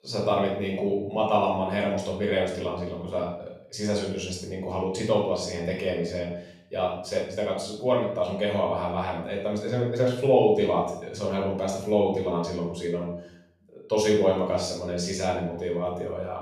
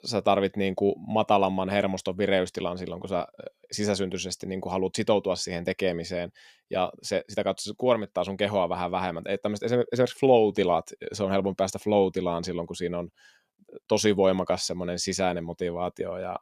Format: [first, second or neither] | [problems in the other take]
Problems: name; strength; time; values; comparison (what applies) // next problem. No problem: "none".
second | off-mic speech; far // room echo; noticeable; dies away in 0.6 s